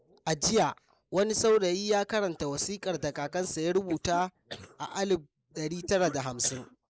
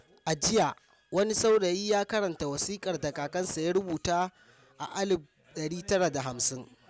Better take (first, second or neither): second